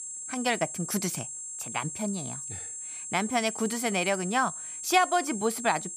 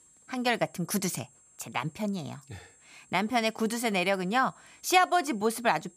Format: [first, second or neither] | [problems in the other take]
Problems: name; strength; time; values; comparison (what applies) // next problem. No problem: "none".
second | high-pitched whine; loud; throughout; 7.5 kHz, 7 dB below the speech; faint in the second